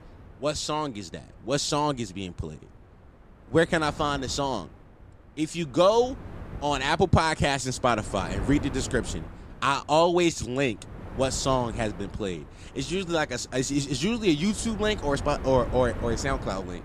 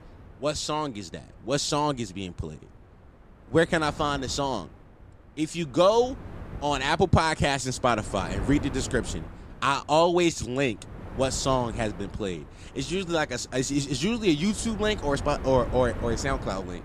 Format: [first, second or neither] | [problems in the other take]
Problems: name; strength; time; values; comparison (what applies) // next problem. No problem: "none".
neither | wind noise on the microphone; occasional gusts; 20 dB below the speech; the same in both